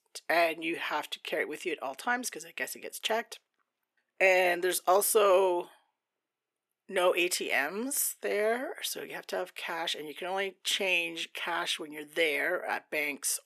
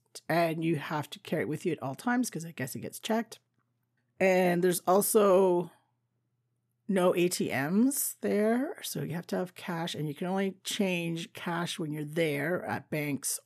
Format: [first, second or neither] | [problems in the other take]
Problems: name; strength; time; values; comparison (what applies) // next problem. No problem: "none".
second | thin; very; fading below 400 Hz